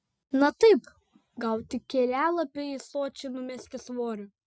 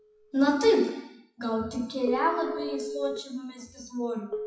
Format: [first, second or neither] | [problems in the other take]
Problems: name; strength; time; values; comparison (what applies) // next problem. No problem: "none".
first | noise reduction (classical method WPE with log-MMSE)